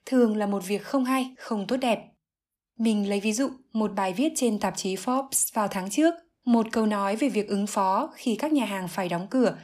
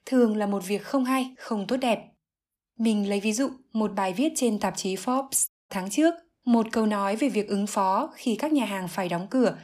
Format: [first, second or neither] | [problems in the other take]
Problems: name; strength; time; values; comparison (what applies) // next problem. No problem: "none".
first | audio cutting out; at 5.5 s